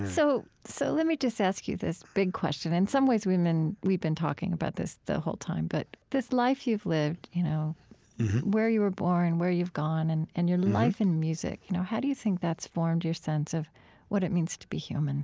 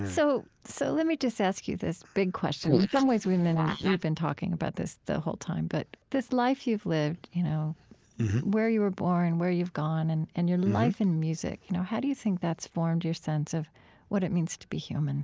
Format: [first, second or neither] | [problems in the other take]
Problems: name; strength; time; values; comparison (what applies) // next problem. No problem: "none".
first | noise reduction (neural mask model Resemble Enhance denoiser)